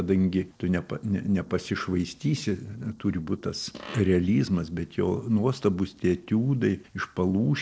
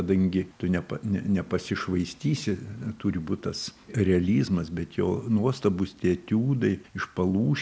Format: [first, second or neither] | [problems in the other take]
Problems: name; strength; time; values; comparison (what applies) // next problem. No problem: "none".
second | noise reduction (neural separator model SepFormer DNS4)